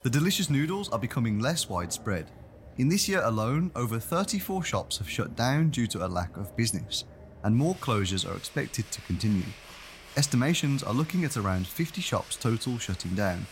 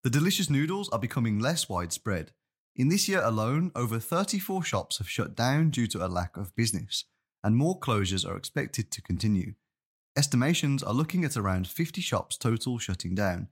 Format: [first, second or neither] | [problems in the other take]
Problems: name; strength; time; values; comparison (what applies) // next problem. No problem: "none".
second | machinery noise; noticeable; throughout; 20 dB below the speech